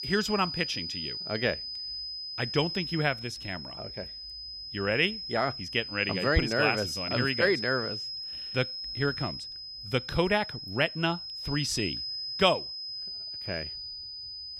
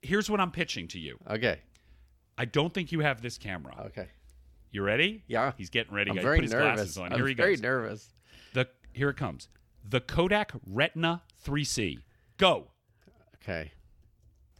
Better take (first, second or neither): second